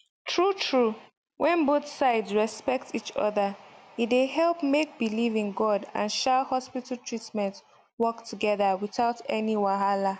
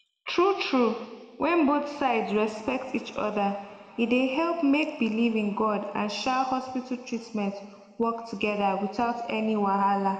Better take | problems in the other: first | room echo; dies away in 1.9 s

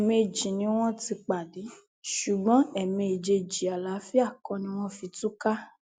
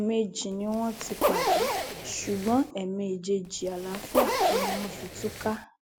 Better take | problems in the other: first | background sound (Zipper (clothing)); 1 dB above the speech

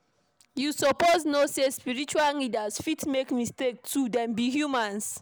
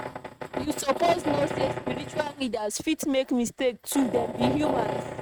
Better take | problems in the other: first | noise reduction (neural mask model RNNoise)

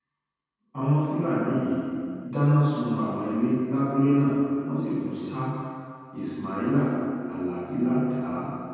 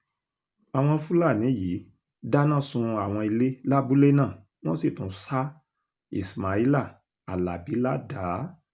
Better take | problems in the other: second | room echo; dies away in 2.1 s

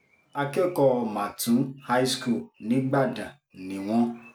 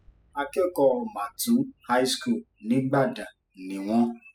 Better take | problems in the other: first | noise reduction (classical method spectral subtraction)

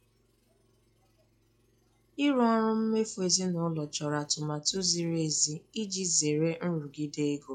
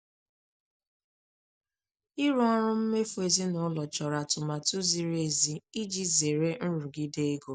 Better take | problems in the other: second | noise reduction (classical method log-MMSE)

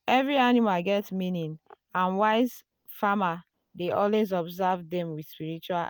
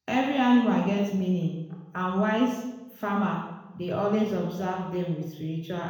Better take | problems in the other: first | room echo; dies away in 1 s

